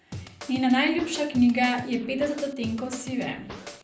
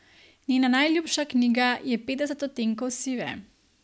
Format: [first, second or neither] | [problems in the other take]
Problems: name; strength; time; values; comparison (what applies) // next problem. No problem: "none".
second | background sound (Scratching (performance technique)); 15 dB below the speech // room echo; dies away in 0.6 s